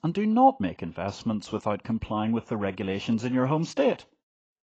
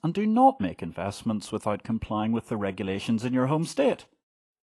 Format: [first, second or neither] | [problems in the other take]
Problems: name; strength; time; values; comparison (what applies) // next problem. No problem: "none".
second | garbled, watery; badly; nothing above 7.5 kHz; slightly in the second